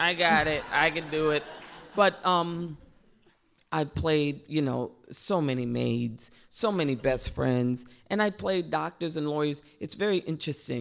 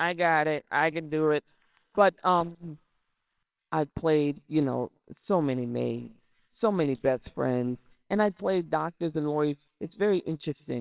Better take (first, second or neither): first